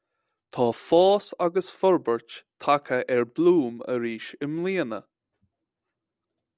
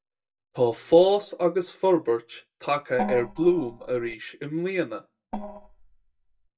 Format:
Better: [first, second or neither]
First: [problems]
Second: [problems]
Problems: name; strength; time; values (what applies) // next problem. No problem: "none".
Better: first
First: none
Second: noise reduction (neural mask model DeepFilterNet 3)